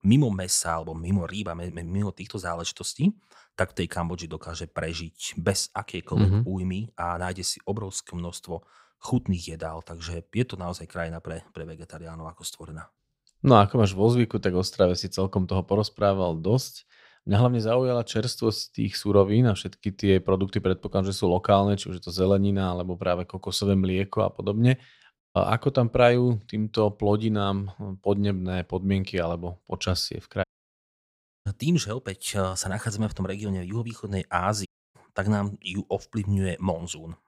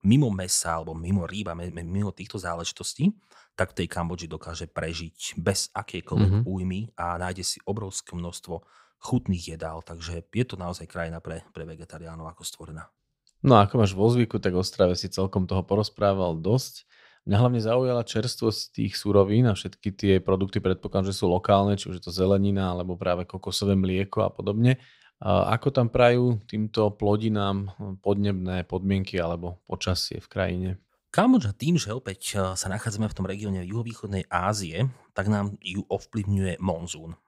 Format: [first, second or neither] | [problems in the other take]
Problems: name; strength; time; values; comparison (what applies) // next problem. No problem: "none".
second | audio cutting out; at 25 s, at 30 s for 1 s and at 35 s